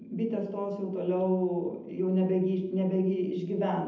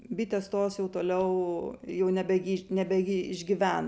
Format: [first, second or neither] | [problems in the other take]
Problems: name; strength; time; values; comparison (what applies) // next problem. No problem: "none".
second | room echo; dies away in 0.8 s